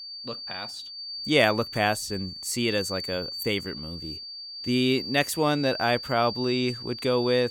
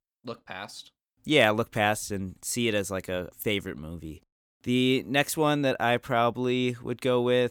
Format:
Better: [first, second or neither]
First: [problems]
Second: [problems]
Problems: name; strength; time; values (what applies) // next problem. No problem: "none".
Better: second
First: high-pitched whine; loud; throughout; 4.5 kHz, 9 dB below the speech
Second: none